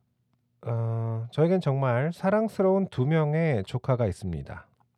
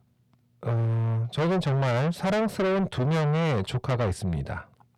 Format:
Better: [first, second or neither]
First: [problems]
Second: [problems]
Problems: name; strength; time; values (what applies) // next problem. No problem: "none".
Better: first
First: none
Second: distortion; heavy; 6 dB below the speech